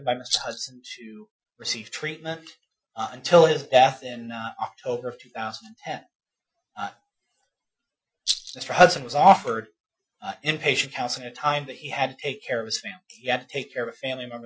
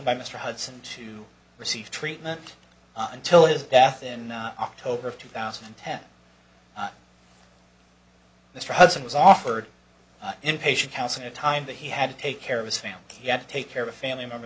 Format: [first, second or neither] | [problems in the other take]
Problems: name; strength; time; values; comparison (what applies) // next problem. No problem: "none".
second | noise reduction (classical method Wiener filter)